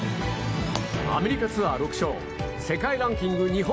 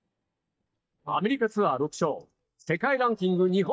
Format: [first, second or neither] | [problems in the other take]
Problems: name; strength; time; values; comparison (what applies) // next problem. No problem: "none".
first | noise reduction (neural mask model DeepFilterNet 3)